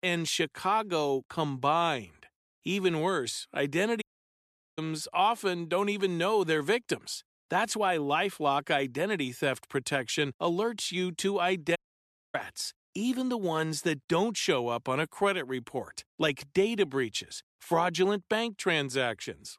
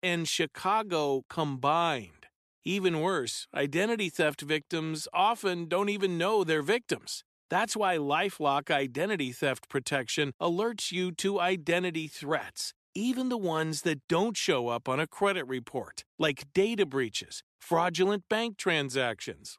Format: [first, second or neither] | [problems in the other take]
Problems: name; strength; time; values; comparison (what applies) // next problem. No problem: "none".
second | audio cutting out; at 4 s for 1 s and at 12 s for 0.5 s